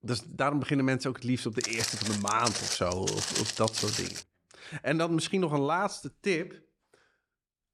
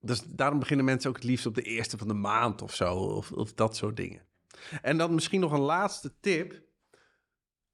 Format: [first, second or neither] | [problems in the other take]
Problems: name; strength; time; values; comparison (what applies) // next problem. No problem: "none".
second | footsteps; loud; from 1.5 to 4 s; peak 1 dB above the speech